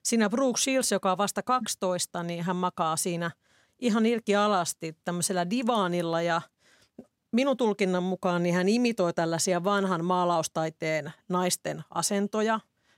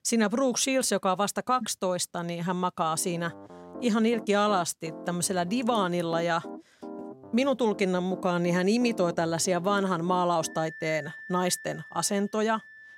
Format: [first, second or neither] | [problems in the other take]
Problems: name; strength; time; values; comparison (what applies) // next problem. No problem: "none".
first | background music; noticeable; from 3 s on; 15 dB below the speech